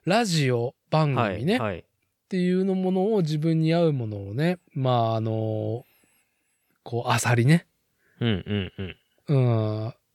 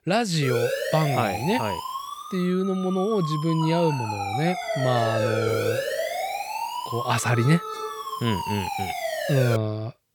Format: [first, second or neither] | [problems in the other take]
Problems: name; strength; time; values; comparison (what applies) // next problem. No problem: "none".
first | siren; loud; until 9.5 s; peak level with the speech